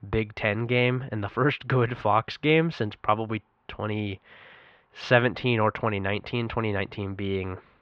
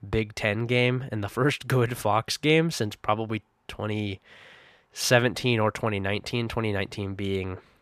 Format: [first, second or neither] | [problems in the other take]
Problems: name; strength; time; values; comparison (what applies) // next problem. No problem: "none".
second | muffled; slightly; fading above 3.5 kHz